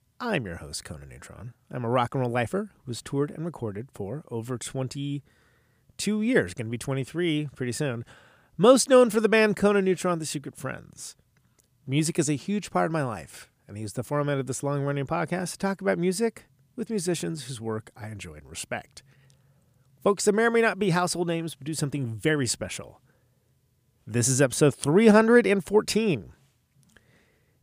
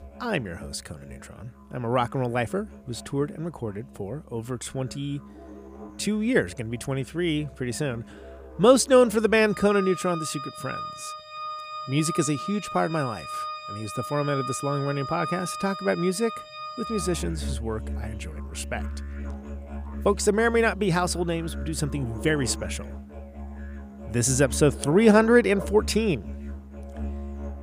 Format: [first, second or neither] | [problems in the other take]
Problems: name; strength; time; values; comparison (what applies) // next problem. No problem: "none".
first | background music; noticeable; throughout; 10 dB below the speech